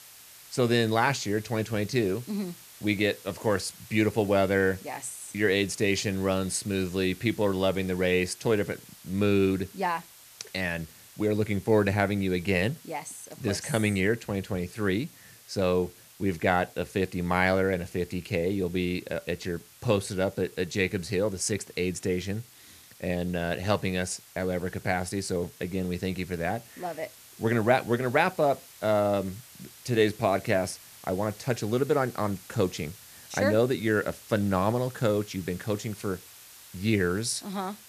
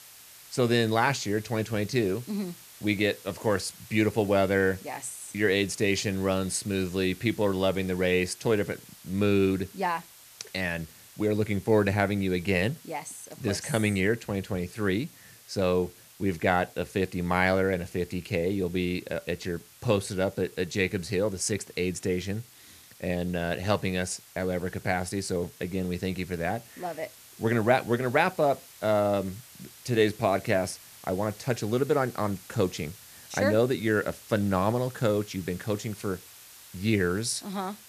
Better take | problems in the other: neither | hiss; faint; throughout; 20 dB below the speech; the same in both

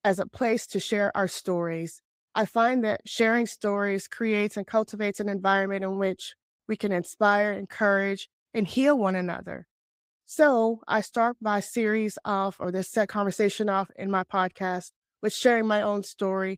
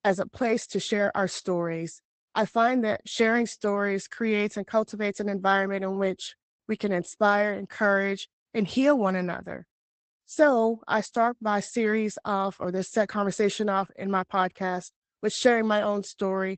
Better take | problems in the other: first | garbled, watery; badly; nothing above 8 kHz; slightly in the first

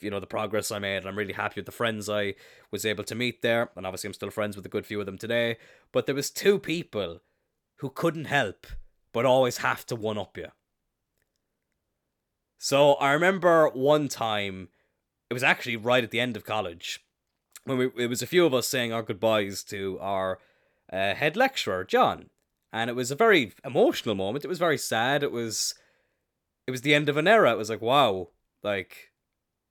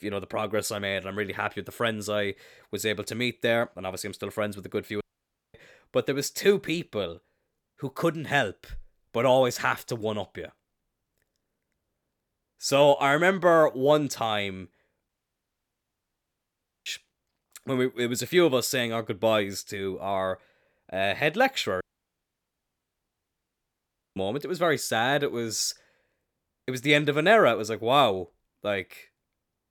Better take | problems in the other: first | audio cutting out; at 5 s for 0.5 s, at 15 s for 2 s and at 22 s for 2.5 s

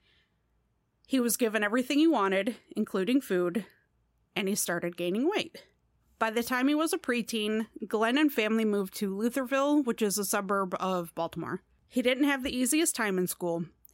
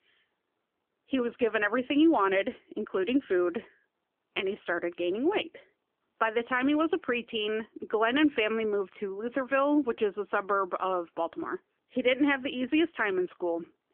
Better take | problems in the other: first | phone-call audio; nothing above 3 kHz

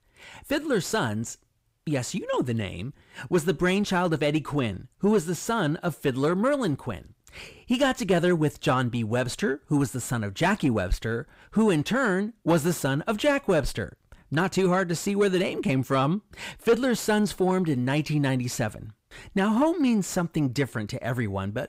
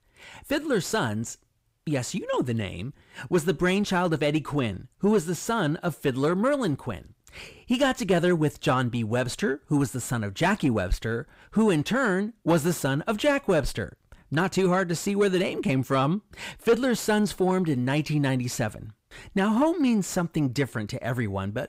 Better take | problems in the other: neither | distortion; slight; 10 dB below the speech; the same in both

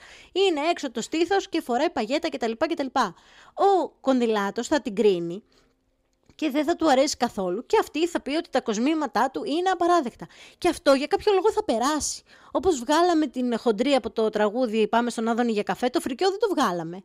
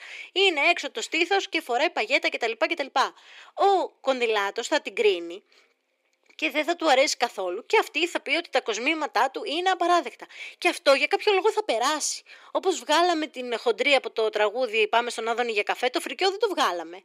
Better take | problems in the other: first | thin; somewhat; fading below 350 Hz

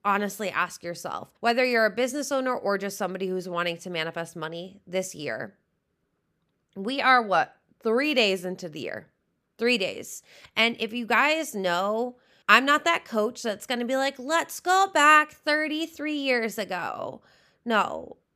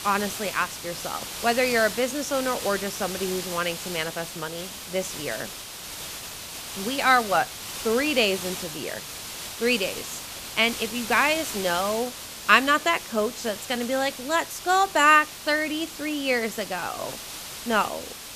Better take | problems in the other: first | hiss; loud; throughout; 9 dB below the speech

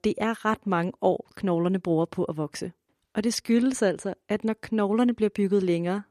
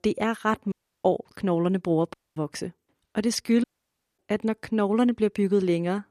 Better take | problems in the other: first | audio cutting out; at 0.5 s, at 2 s and at 3.5 s for 0.5 s

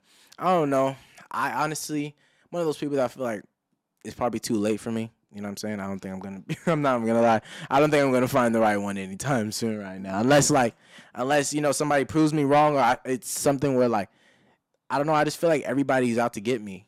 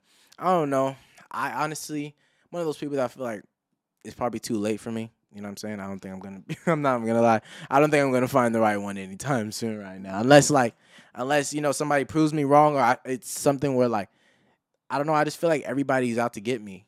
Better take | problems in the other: second | distortion; slight; 10 dB below the speech

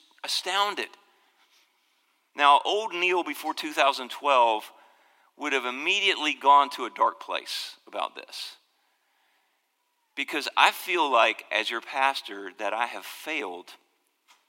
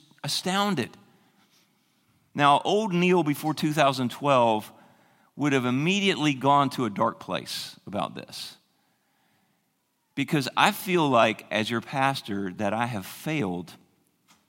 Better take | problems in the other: second | thin; very; fading below 350 Hz

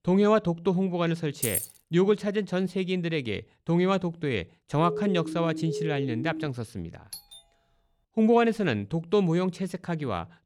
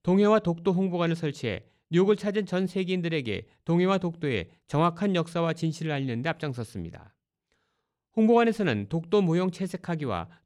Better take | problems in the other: second | jangling keys; noticeable; at 1.5 s; peak 2 dB below the speech // siren; noticeable; from 5 to 6.5 s; peak 5 dB below the speech // doorbell; faint; at 7 s; peak 15 dB below the speech

